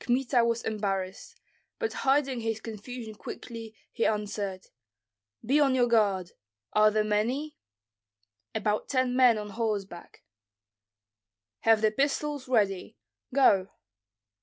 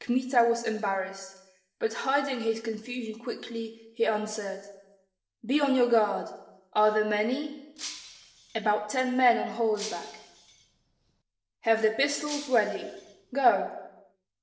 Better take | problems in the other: first | noise reduction (neural separator model SepFormer DNS4)

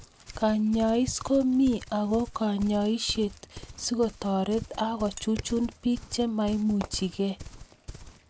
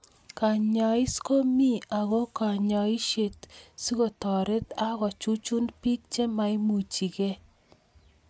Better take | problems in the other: second | background sound (Fireworks + Livestock, farm animals, working animals); 16 dB below the speech

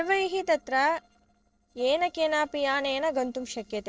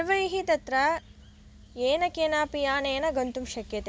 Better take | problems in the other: second | noise reduction (neural separator model SepFormer DNS4)

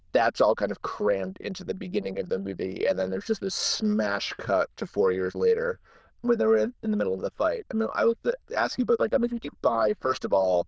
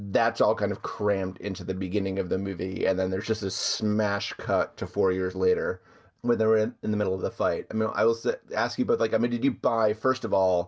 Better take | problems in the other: second | noise reduction (neural diffusion model UNIVERSE++)

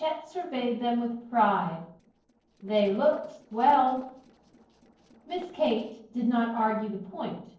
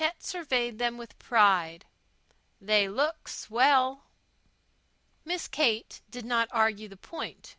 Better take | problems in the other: second | noise reduction (neural separator model SepFormer DNS4)

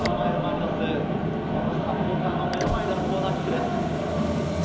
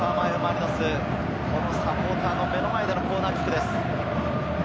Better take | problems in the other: second | background sound (Motor vehicle (road)); 12 dB below the speech // room echo; dies away in 1.2 s

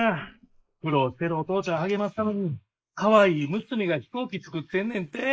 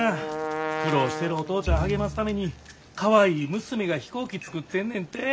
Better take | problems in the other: second | noise reduction (neural mask model Resemble Enhance denoiser)

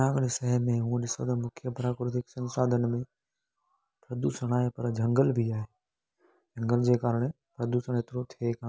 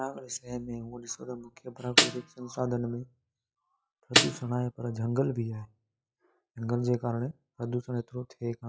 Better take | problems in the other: first | noise reduction (classical method log-MMSE)

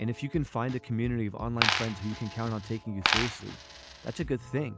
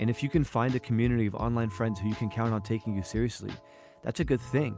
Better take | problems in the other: second | background sound (Coin (dropping)); as loud as the speech

